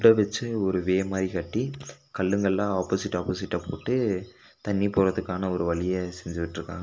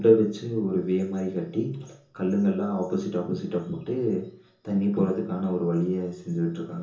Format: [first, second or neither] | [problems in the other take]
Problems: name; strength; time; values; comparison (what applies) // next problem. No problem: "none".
first | room echo; dies away in 0.7 s